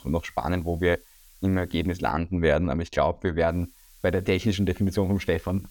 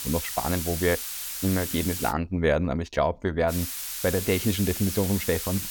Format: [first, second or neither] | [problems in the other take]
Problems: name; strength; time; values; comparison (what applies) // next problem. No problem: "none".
first | hiss; loud; until 2 s and from 3.5 s on; 4 dB below the speech; faint in the first